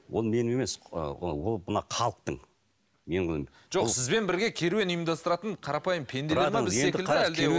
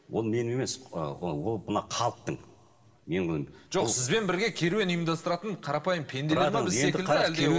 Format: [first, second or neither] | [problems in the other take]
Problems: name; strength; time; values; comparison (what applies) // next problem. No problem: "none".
first | room echo; dies away in 2.7 s